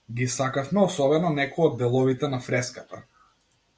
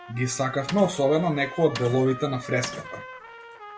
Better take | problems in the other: first | background sound (Mechanisms + Trumpet); 13 dB below the speech

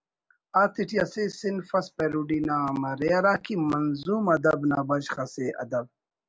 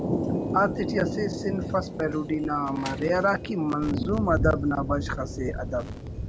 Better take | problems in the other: first | background sound (Thunder); 3 dB below the speech

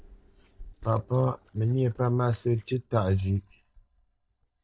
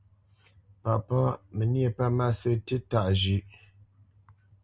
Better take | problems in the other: second | noise reduction (neural mask model DeepFilterNet 3)

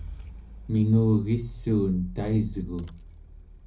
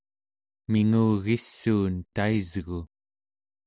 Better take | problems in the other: second | background sound (Rattle / Engine starting / Car); 14 dB below the speech // room echo; dies away in 0.4 s

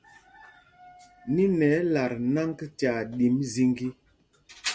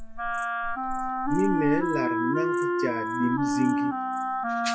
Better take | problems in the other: first | noise reduction (classical method log-MMSE)

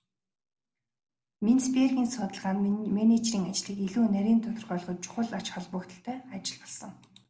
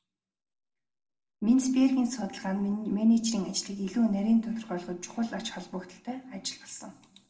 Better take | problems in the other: first | room echo; dies away in 1.3 s

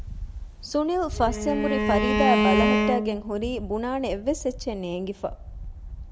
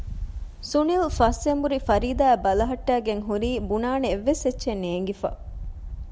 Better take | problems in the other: second | background sound (Bowed string instrument); 2 dB above the speech

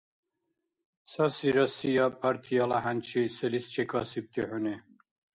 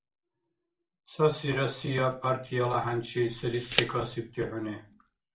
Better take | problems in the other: first | background sound (Tick); 7 dB below the speech // room echo; dies away in 0.3 s

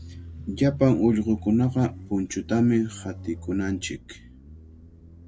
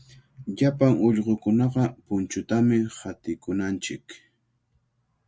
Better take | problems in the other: second | background sound (Motorcycle); 15 dB below the speech

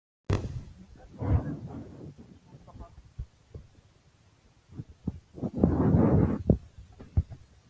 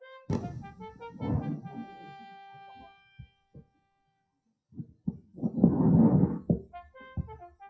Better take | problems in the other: first | noise reduction (classical method WPE with log-MMSE)

